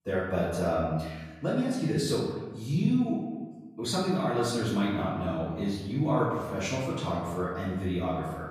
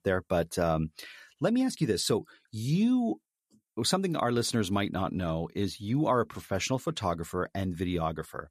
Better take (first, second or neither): second